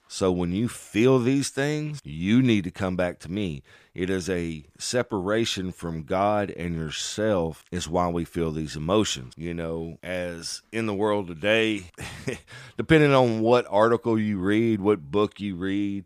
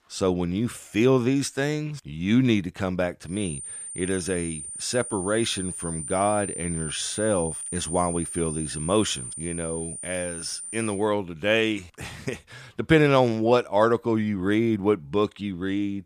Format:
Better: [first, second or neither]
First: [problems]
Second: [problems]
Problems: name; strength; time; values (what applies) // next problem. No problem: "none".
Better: first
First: none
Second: high-pitched whine; loud; from 3.5 to 11 s; 9 kHz, 7 dB below the speech